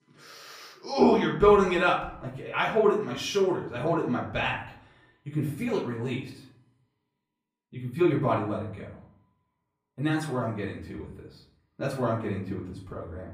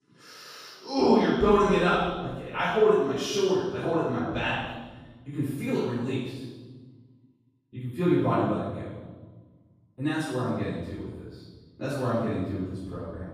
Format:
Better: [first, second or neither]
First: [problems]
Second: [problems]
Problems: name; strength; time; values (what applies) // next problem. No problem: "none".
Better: first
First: room echo; slight; dies away in 0.5 s // off-mic speech; far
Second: room echo; strong; dies away in 1.2 s // off-mic speech; far